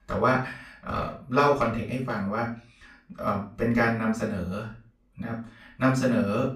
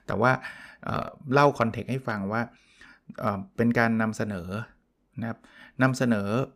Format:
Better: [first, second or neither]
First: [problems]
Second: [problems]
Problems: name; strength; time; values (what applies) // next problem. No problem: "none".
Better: second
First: room echo; slight; dies away in 0.3 s // off-mic speech; far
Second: none